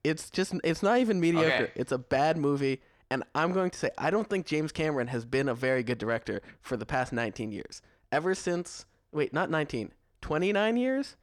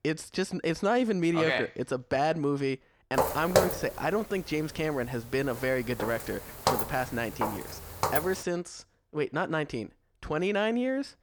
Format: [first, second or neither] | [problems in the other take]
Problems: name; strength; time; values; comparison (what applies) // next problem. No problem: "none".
first | footsteps; loud; from 3 to 8 s; peak 5 dB above the speech